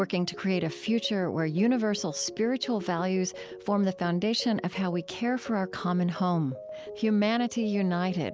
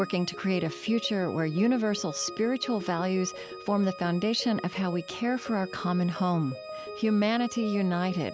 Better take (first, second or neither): first